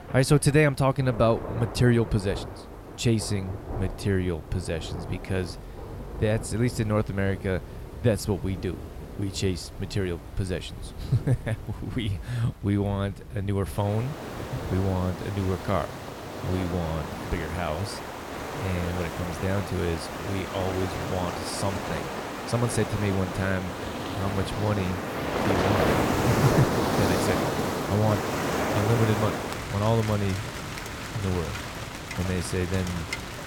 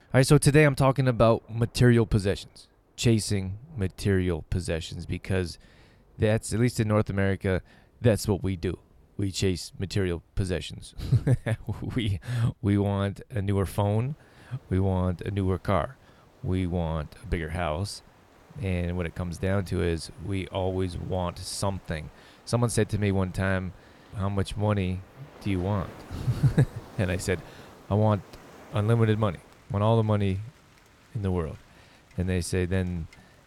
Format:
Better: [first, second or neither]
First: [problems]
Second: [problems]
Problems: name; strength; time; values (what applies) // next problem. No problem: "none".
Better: second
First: rain or running water; loud; throughout; 4 dB below the speech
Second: rain or running water; faint; throughout; 25 dB below the speech